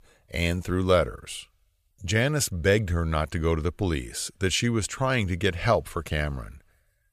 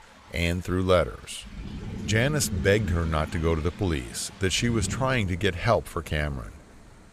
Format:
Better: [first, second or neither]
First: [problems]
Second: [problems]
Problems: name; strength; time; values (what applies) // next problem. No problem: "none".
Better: first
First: none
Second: rain or running water; noticeable; throughout; 10 dB below the speech